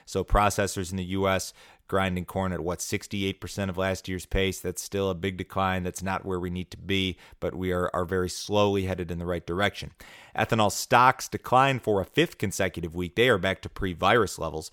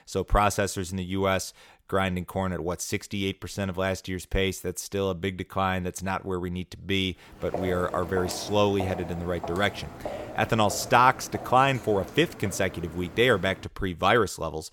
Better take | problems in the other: first | footsteps; noticeable; from 7.5 to 14 s; peak 8 dB below the speech

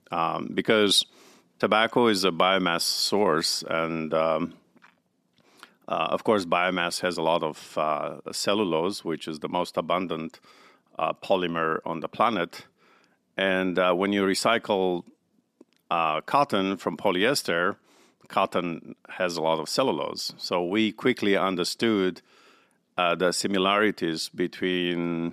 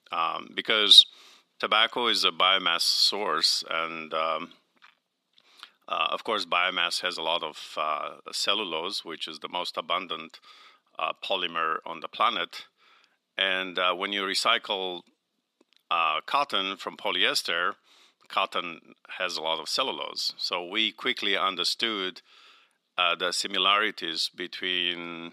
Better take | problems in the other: first | thin; somewhat; fading below 650 Hz

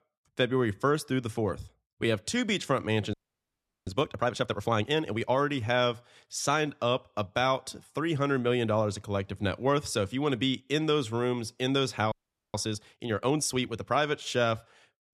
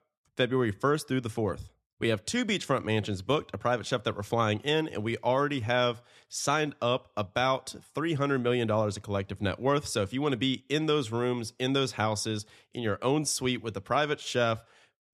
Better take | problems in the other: second | audio freezing; at 3 s for 0.5 s and at 12 s

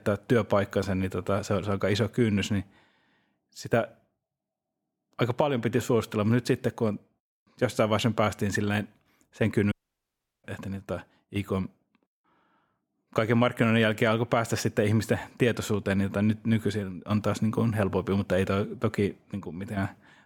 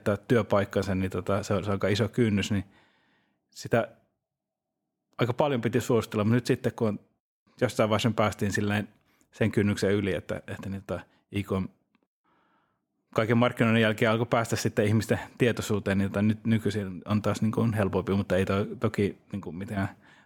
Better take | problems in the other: second | audio cutting out; at 9.5 s for 0.5 s

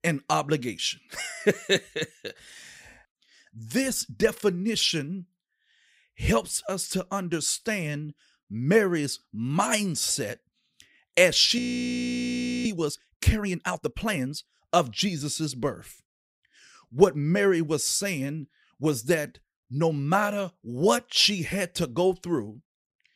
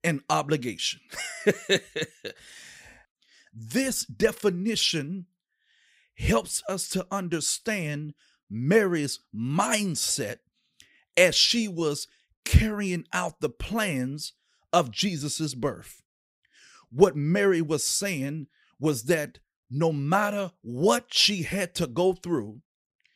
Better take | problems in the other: second | audio freezing; at 12 s for 1 s

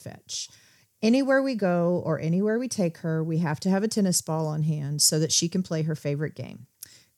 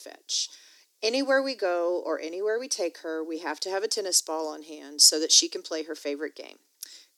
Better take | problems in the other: first | thin; somewhat; fading below 300 Hz

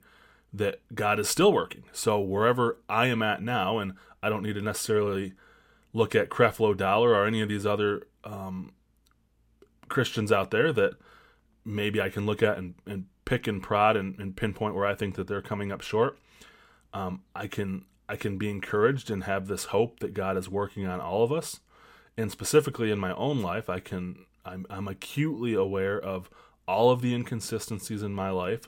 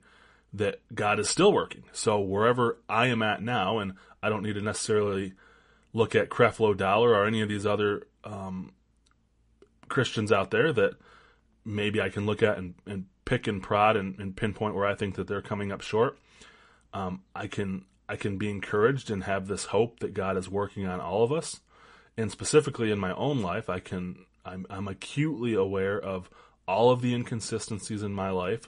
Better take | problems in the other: first | garbled, watery; slightly; nothing above 9.5 kHz

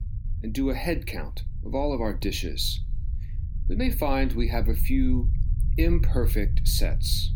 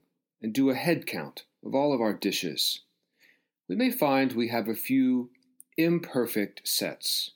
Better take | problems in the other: second | low rumble; noticeable; throughout; 15 dB below the speech

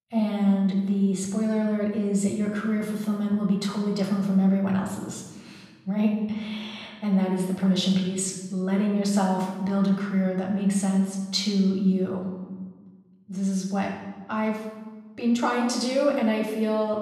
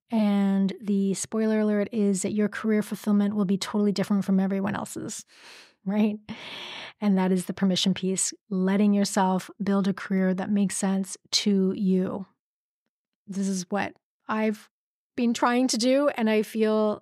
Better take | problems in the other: second | off-mic speech; far // room echo; noticeable; dies away in 1.2 s

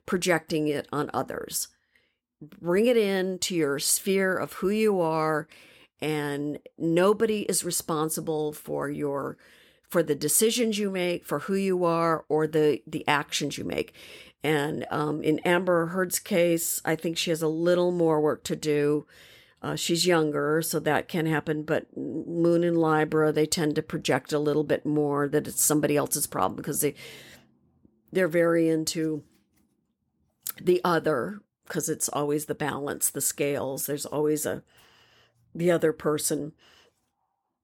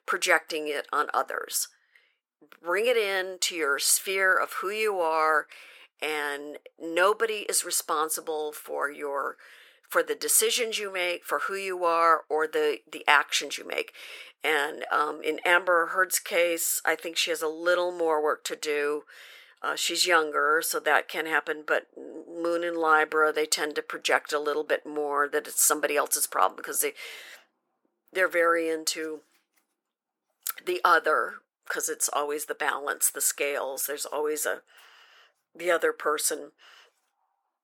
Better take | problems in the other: first | thin; very; fading below 500 Hz

